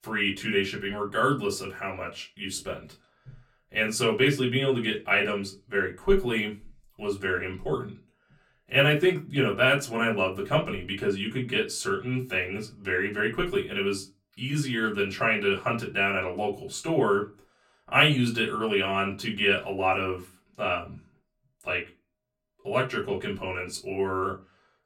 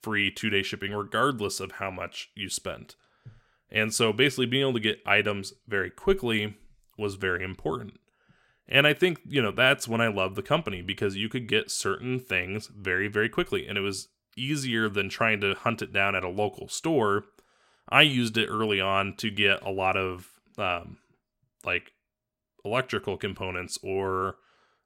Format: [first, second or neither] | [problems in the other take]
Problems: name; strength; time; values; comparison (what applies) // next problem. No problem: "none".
second | off-mic speech; far // room echo; very slight; dies away in 0.2 s